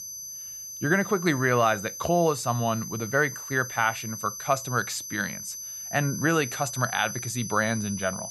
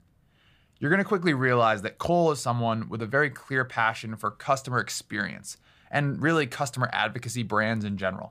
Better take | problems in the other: second | high-pitched whine; loud; throughout; 6 kHz, 8 dB below the speech

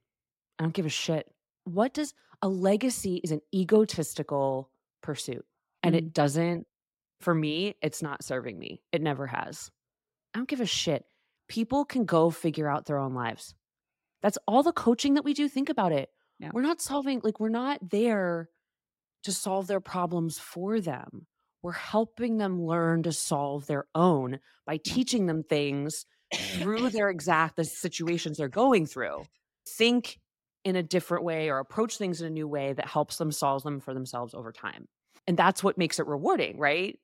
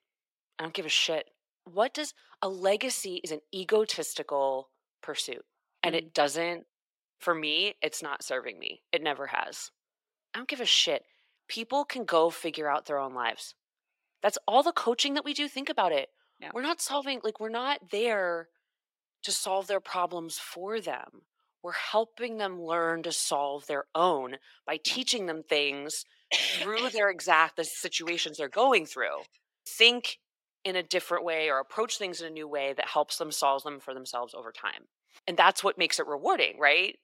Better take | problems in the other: first | thin; somewhat; fading below 550 Hz

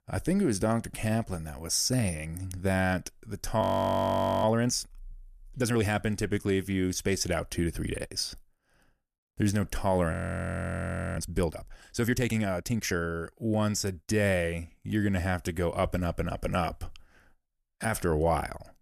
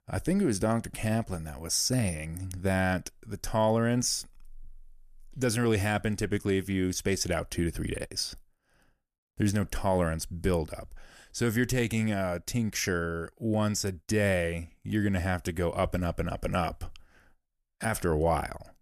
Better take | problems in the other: second | audio freezing; at 3.5 s for 1 s and at 10 s for 1 s

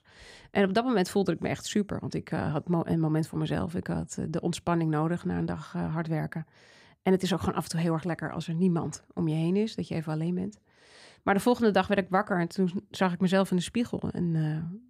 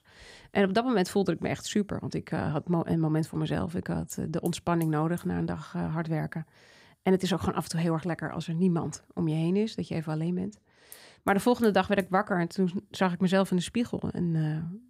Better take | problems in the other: first | hiss; very faint; throughout; 20 dB below the speech

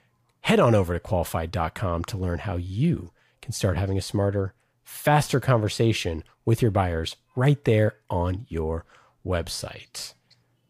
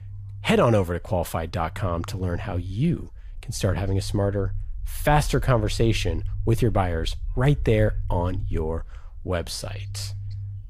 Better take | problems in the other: first | low rumble; faint; throughout; 25 dB below the speech

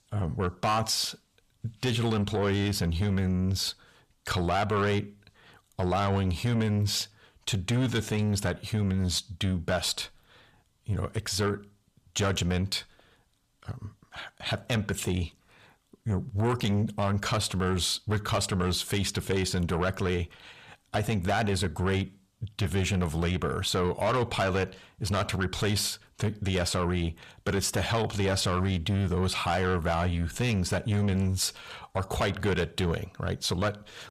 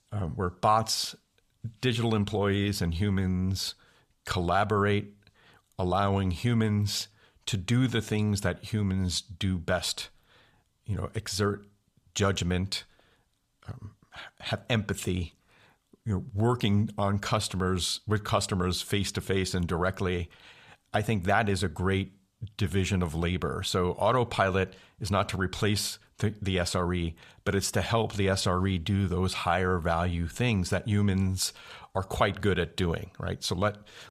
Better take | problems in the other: second | distortion; slight; 10 dB below the speech

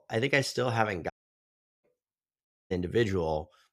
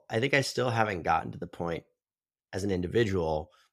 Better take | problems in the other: second | audio cutting out; at 1 s for 0.5 s and at 2.5 s

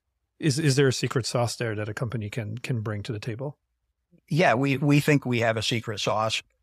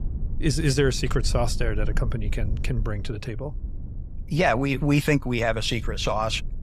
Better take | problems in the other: first | low rumble; faint; throughout; 20 dB below the speech

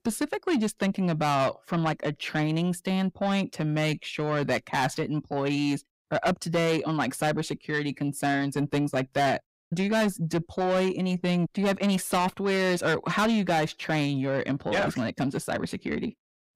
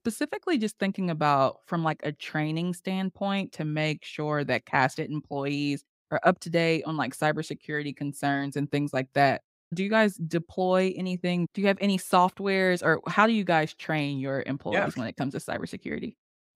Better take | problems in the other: second | distortion; heavy; 7 dB below the speech

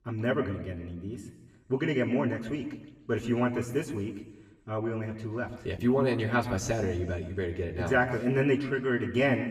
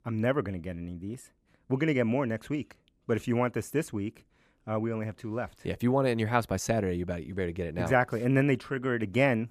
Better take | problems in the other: second | room echo; slight; dies away in 1.1 s // off-mic speech; somewhat distant

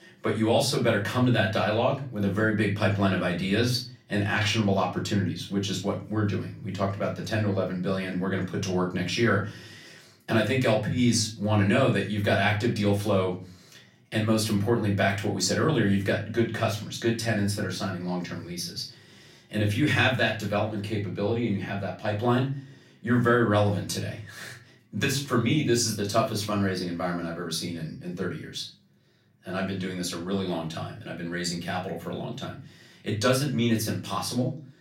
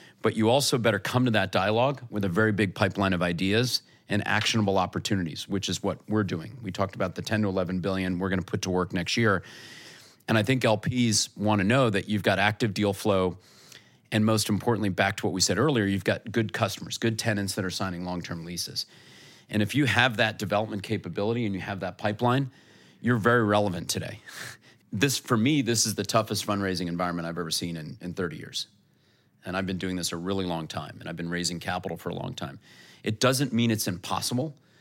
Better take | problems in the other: second | room echo; slight; dies away in 0.3 s // off-mic speech; far

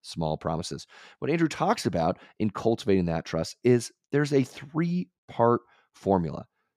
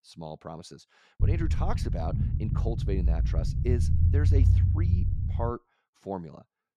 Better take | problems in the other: first | low rumble; loud; from 1 to 5.5 s; 4 dB below the speech

